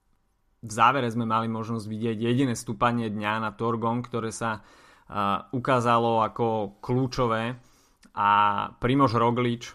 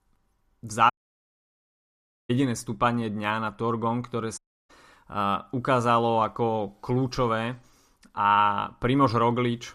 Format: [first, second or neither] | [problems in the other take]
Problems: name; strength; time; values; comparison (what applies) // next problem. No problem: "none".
first | audio cutting out; at 1 s for 1.5 s and at 4.5 s